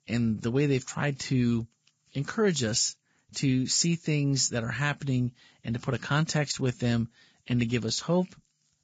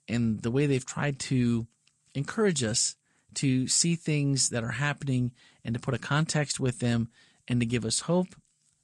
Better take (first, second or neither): second